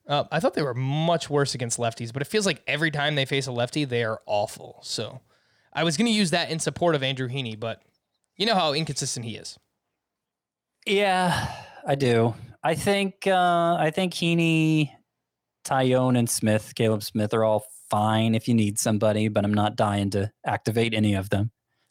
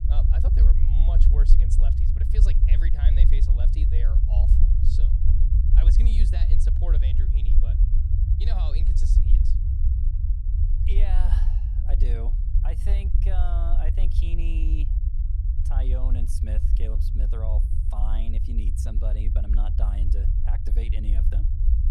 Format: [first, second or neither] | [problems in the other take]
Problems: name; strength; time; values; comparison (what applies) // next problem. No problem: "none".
first | low rumble; loud; throughout; 1 dB below the speech